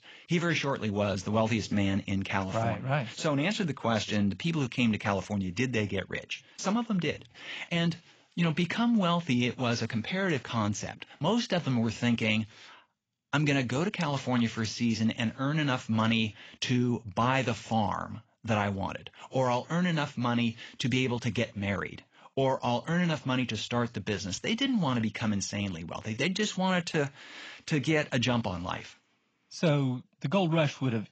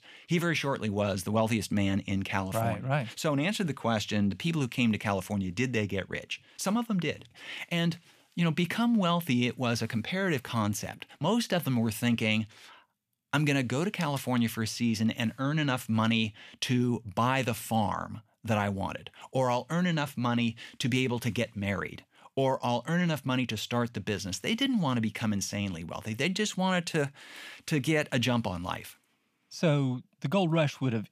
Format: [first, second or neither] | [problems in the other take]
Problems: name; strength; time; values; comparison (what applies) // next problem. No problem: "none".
second | garbled, watery; badly; nothing above 7.5 kHz